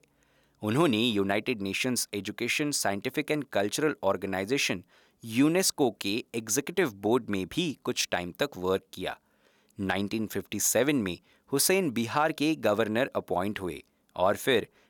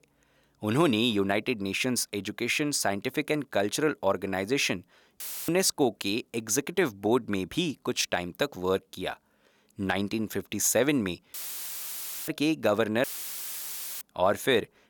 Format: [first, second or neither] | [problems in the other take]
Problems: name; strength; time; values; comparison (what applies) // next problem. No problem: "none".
first | audio cutting out; filled with static; at 5 s, at 11 s for 1 s and at 13 s for 1 s